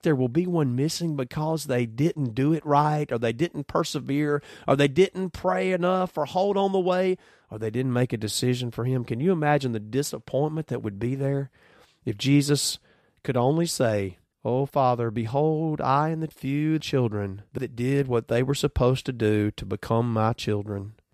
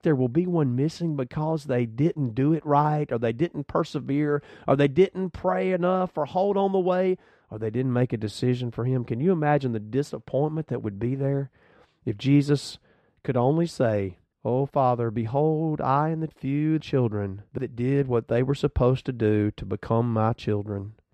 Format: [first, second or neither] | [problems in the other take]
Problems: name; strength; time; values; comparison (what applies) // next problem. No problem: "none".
first | muffled; slightly; fading above 1.5 kHz